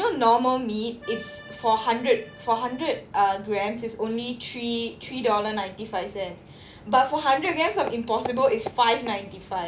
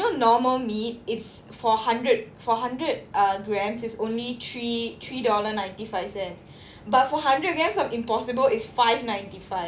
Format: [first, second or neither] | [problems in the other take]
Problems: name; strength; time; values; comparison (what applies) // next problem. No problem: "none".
second | background sound (Accordion + Walk, footsteps); 16 dB below the speech